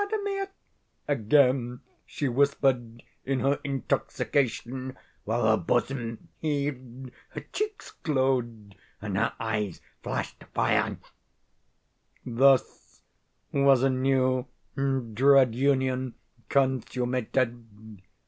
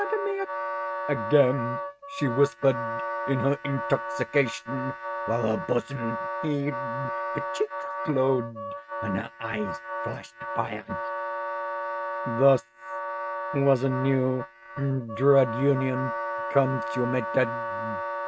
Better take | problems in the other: first | noise reduction (neural mask model RNNoise)

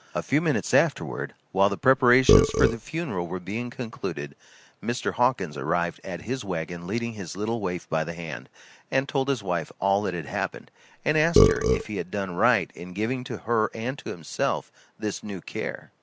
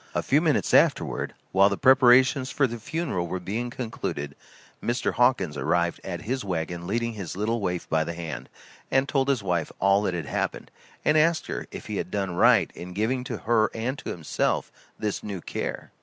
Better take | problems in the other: second | background sound (Burping, eructation); 3 dB above the speech

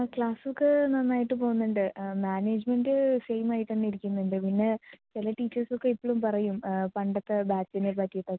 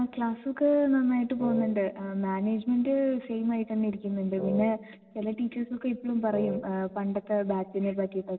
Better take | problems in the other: first | background sound (Wind instrument, woodwind instrument); 9 dB below the speech // room echo; dies away in 1.8 s

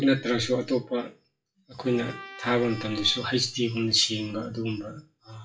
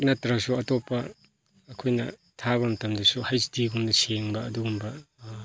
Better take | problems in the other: second | noise reduction (classical method WPE with log-MMSE)

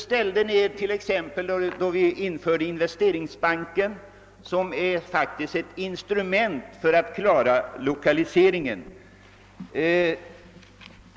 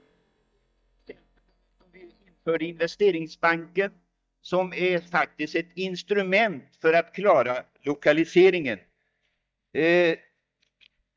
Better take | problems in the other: first | noise reduction (neural mask model DeepFilterNet 3)

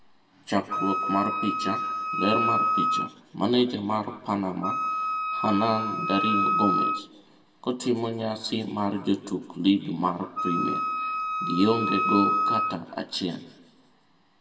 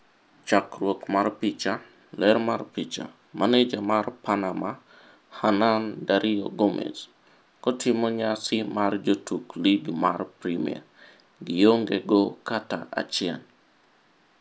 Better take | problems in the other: second | background sound (Wind instrument, woodwind instrument); 1 dB above the speech // room echo; dies away in 1.2 s

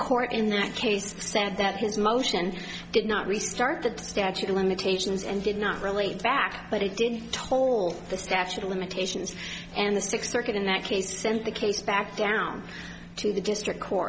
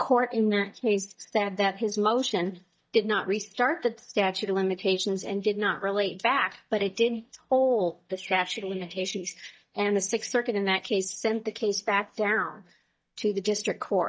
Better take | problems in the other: first | noise reduction (neural mask model DeepFilterNet 3)

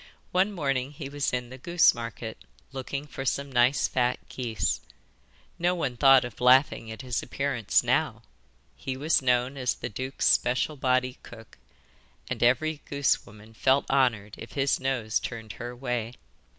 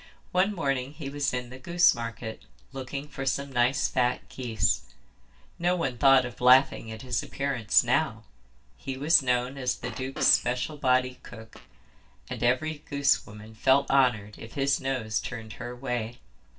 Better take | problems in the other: first | background sound (Fart); 16 dB below the speech // room echo; dies away in 0.2 s

